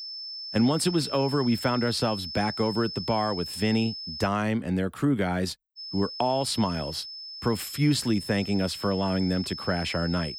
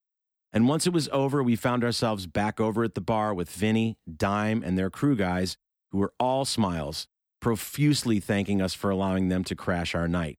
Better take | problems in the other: second | high-pitched whine; loud; until 4.5 s and from 6 s on; 5 kHz, 8 dB below the speech

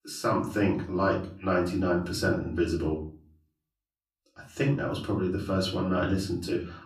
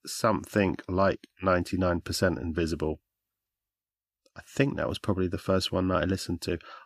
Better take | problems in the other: second | off-mic speech; far // room echo; slight; dies away in 0.4 s

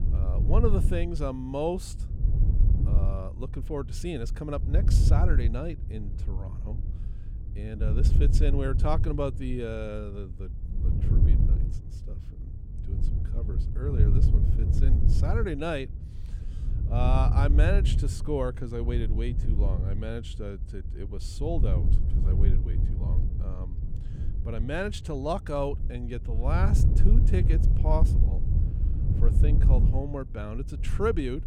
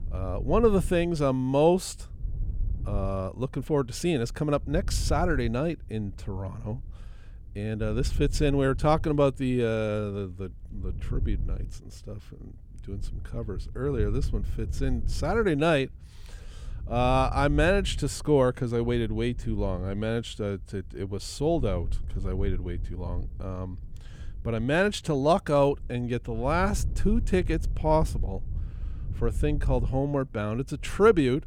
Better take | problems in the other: second | wind noise on the microphone; heavy; 8 dB below the speech; occasional gusts in the second

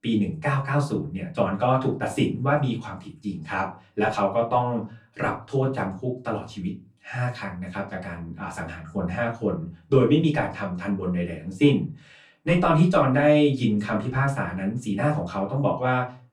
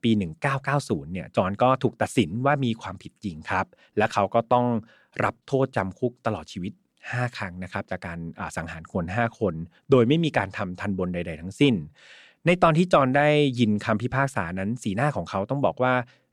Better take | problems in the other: second | off-mic speech; far // room echo; very slight; dies away in 0.3 s

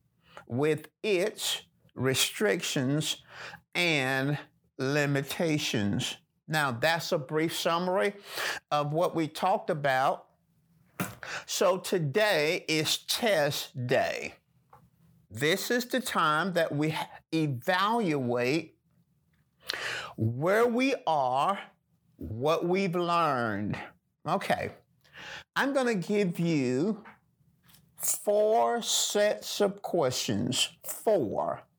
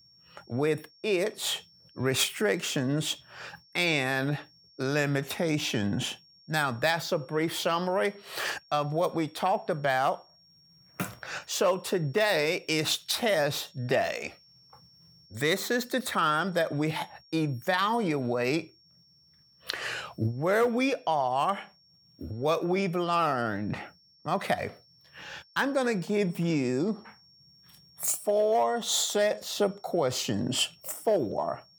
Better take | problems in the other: first | high-pitched whine; faint; throughout; 5.5 kHz, 30 dB below the speech

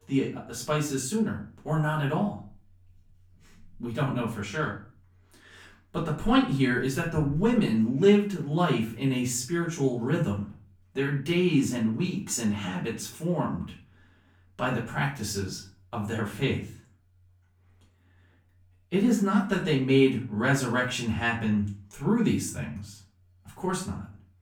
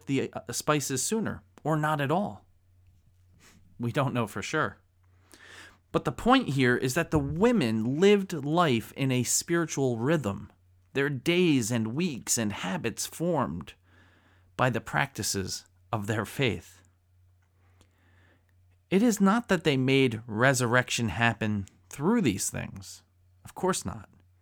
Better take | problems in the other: second | room echo; slight; dies away in 0.4 s // off-mic speech; far

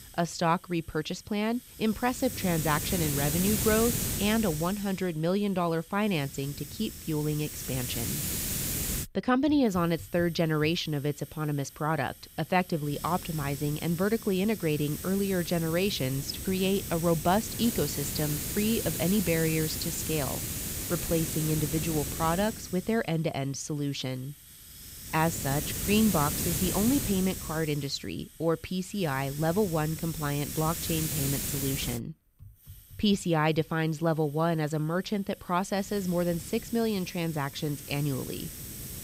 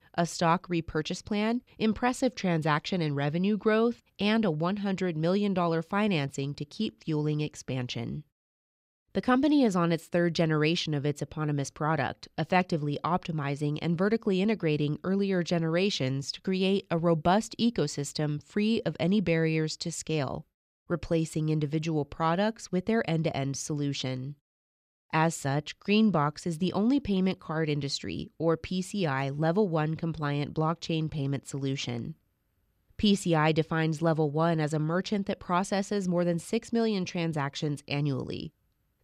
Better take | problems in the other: second | hiss; loud; throughout; 4 dB below the speech

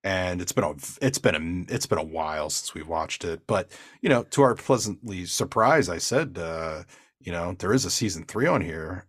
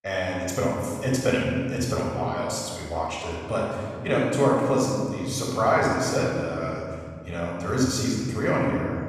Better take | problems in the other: first | off-mic speech; far // room echo; strong; dies away in 2.5 s

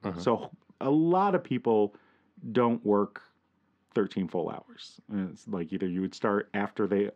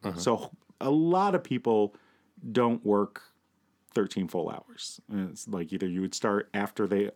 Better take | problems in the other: second | muffled; slightly; fading above 3 kHz

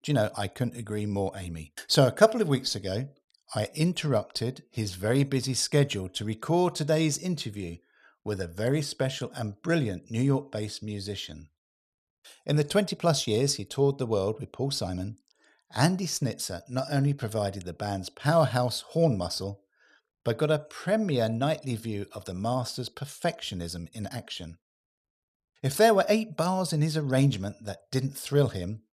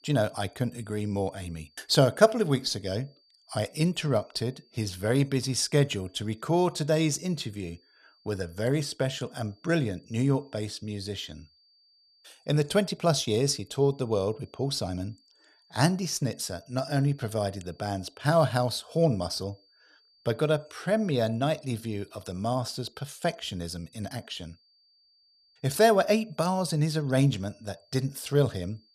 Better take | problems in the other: first | high-pitched whine; faint; throughout; 4.5 kHz, 35 dB below the speech

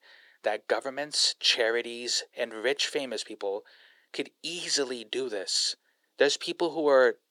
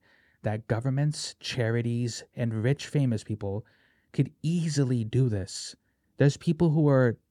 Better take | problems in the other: second | thin; very; fading below 400 Hz

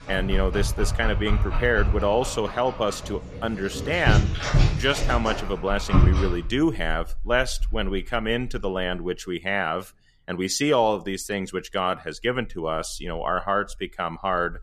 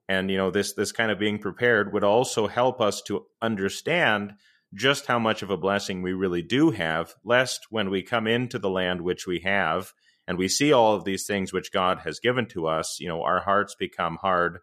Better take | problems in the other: second | animal sounds; loud; throughout; 1 dB below the speech

